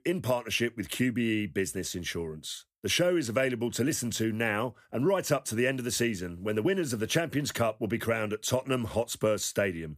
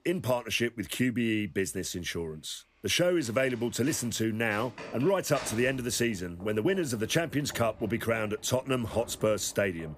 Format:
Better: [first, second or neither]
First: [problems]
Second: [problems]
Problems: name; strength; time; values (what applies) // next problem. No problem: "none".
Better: first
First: none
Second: animal sounds; noticeable; throughout; 15 dB below the speech